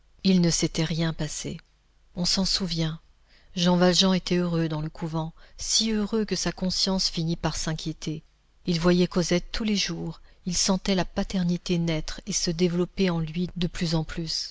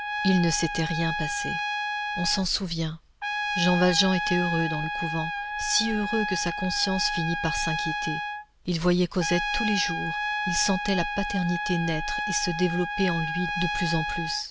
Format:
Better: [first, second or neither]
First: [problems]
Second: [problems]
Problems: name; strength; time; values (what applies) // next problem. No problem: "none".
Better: first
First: none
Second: background sound (Trumpet); 3 dB below the speech